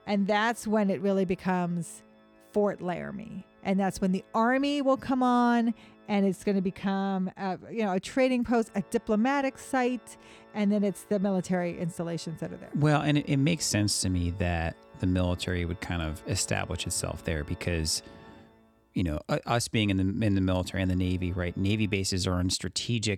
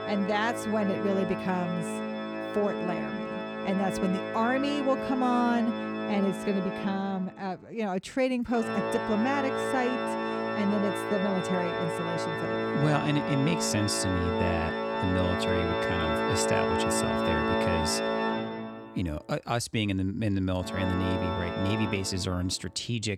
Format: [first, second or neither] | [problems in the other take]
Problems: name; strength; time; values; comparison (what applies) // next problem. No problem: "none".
first | background music; loud; throughout; 1 dB below the speech; faint in the first